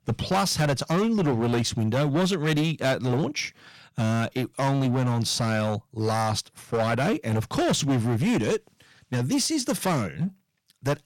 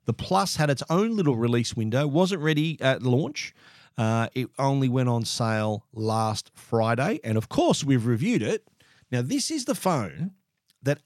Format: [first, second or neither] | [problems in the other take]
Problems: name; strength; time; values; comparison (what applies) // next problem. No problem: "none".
second | distortion; heavy; 14% of the sound clipped